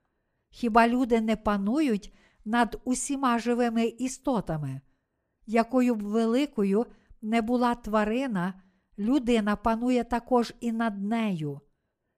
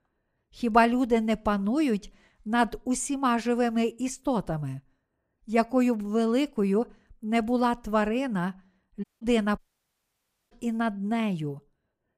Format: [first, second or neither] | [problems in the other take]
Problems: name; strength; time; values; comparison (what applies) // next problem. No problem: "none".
first | audio cutting out; at 9 s and at 9.5 s for 1 s